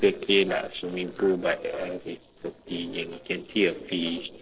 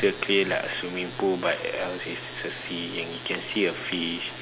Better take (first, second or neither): second